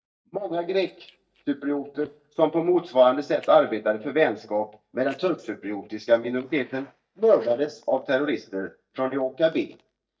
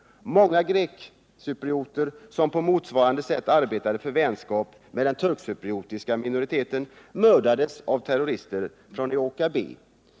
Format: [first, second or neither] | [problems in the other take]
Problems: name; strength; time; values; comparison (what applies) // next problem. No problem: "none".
second | noise reduction (neural mask model DeepFilterNet 3)